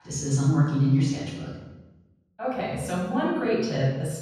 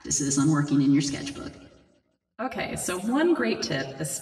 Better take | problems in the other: second | room echo; strong; dies away in 1.3 s; slight in the second // off-mic speech; far; far in the second

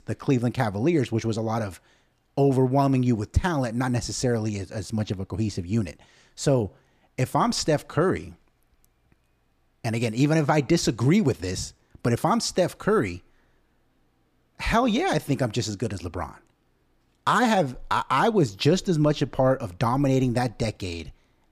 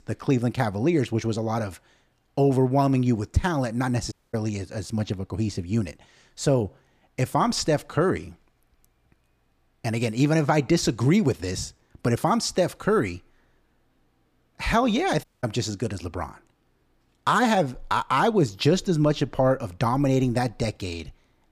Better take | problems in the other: first | audio cutting out; at 4 s and at 15 s

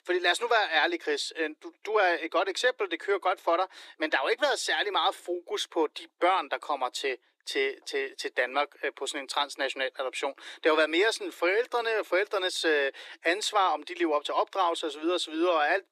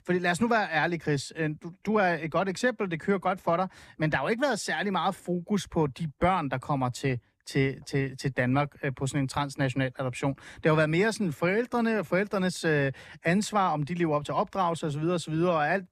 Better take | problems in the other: second | thin; very; fading below 300 Hz

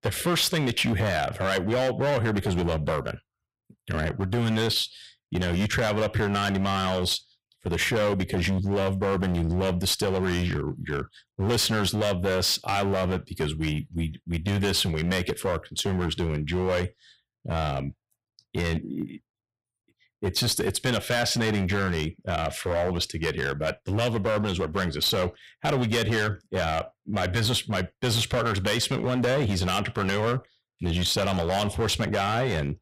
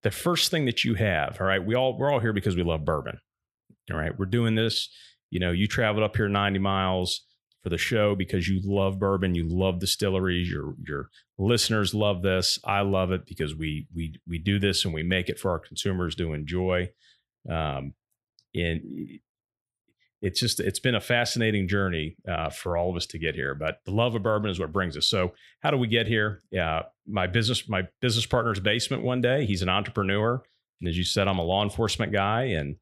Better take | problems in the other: second | distortion; heavy; 15% of the sound clipped

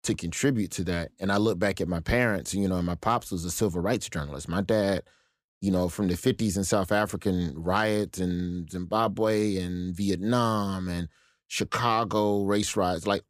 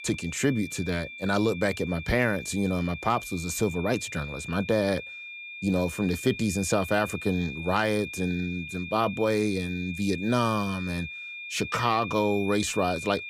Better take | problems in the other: first | high-pitched whine; loud; throughout; 2.5 kHz, 10 dB below the speech

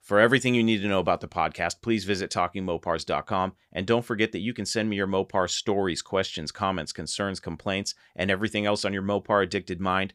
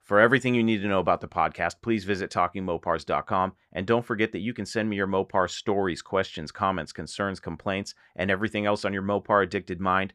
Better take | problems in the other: first | muffled; slightly; fading above 3 kHz

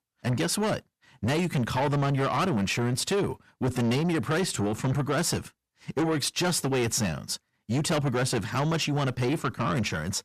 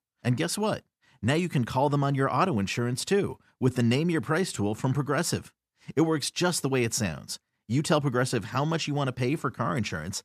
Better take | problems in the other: second | distortion; heavy; 8 dB below the speech

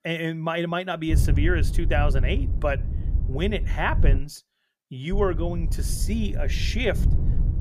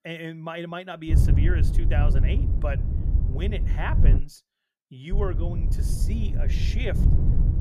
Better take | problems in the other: first | wind noise on the microphone; heavy; from 1 to 4 s and from 5 s on; 4 dB below the speech; occasional gusts in the first

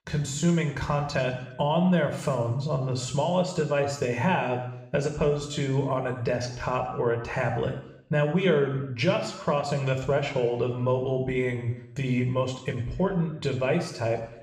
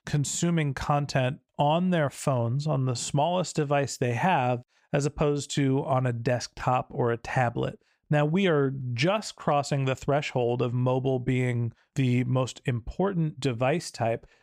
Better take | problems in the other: second | room echo; slight; dies away in 0.8 s // off-mic speech; somewhat distant

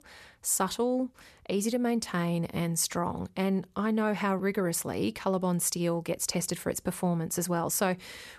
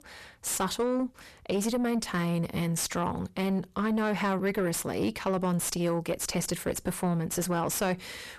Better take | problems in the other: first | distortion; slight; 9 dB below the speech

